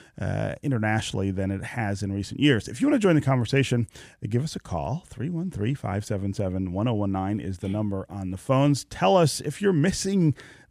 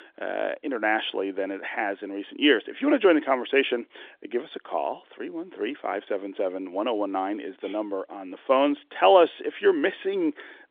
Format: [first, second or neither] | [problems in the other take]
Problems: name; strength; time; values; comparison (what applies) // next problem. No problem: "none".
first | phone-call audio; nothing above 3.5 kHz